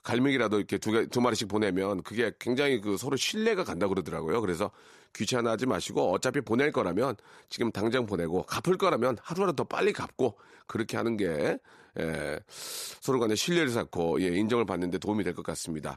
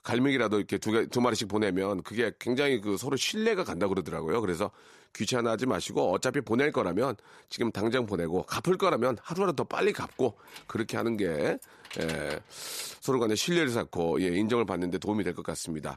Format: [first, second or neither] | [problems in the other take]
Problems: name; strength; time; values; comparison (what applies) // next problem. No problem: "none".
first | jangling keys; faint; from 10 to 13 s; peak 10 dB below the speech